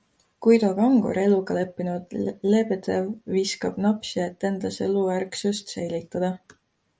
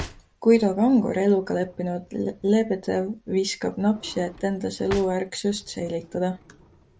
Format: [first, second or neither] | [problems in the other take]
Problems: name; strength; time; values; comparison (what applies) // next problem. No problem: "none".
first | background sound (Drawer open or close); 19 dB below the speech